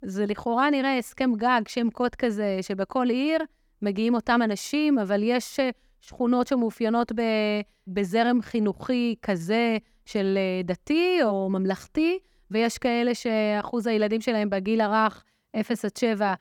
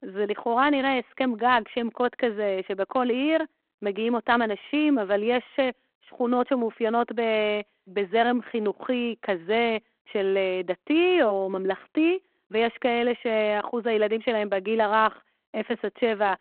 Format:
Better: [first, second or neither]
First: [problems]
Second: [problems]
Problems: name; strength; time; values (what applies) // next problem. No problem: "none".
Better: first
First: none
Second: phone-call audio